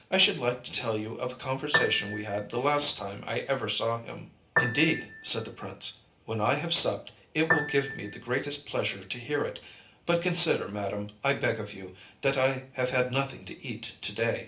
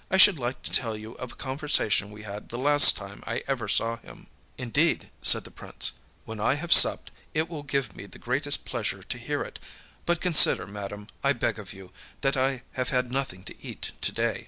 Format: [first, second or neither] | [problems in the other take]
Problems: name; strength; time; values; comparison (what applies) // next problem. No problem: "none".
second | background sound (Piano); 2 dB below the speech // room echo; dies away in 0.3 s